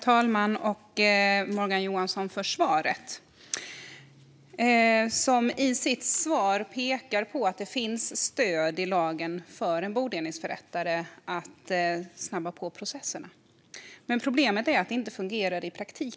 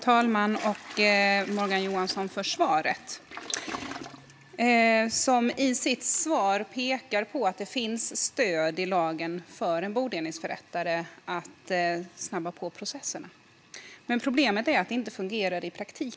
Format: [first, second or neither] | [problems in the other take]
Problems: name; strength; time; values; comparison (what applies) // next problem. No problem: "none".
first | background sound (Toilet flush); 20 dB below the speech